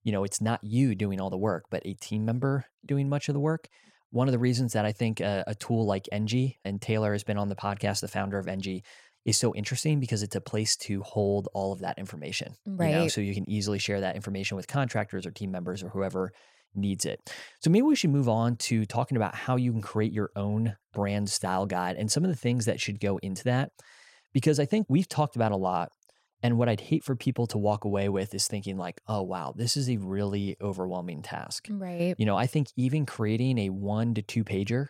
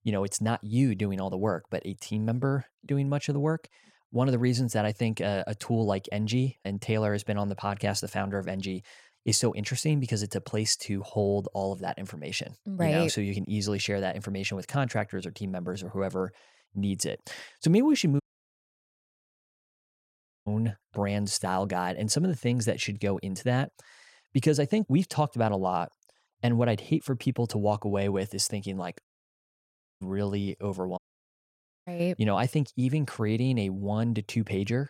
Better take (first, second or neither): first